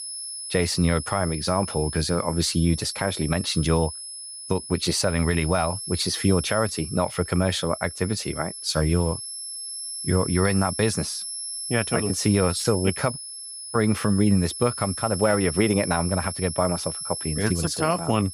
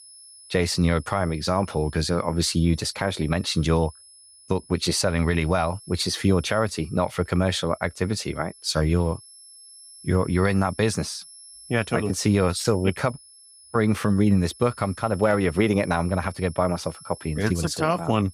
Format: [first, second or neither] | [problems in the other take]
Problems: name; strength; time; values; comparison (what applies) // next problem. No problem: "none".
second | high-pitched whine; loud; throughout; 11 kHz, 7 dB below the speech; faint in the second